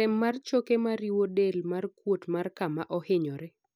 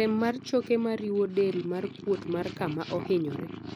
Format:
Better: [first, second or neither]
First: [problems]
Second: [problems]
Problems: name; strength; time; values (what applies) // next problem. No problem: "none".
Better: first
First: none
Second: background sound (Purr); 12 dB below the speech